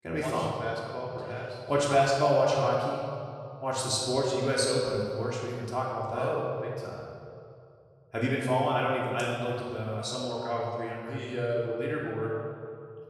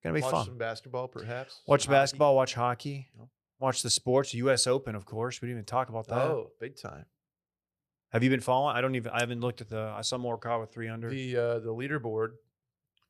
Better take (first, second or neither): second